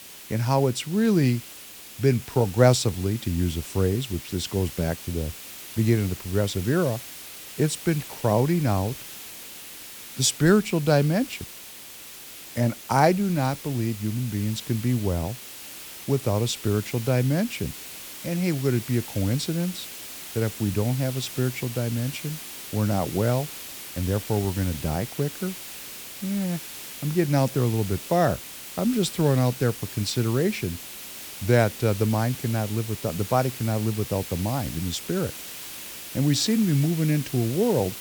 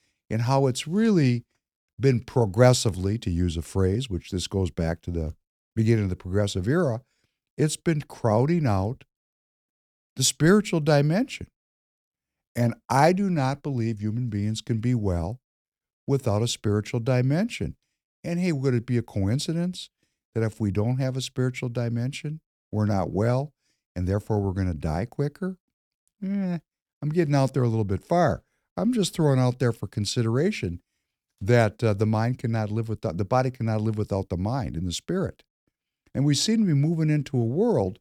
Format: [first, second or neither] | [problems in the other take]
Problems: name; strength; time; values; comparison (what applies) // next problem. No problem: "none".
second | hiss; noticeable; throughout; 10 dB below the speech